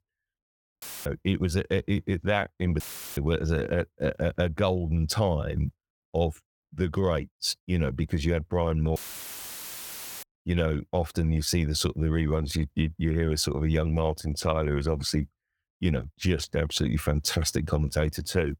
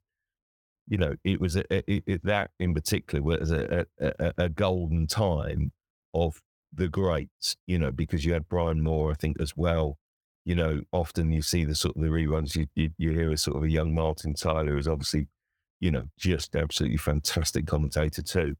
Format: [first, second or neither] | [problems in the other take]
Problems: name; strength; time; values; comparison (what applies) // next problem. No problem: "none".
second | audio cutting out; filled with static; at 1 s, at 3 s and at 9 s for 1.5 s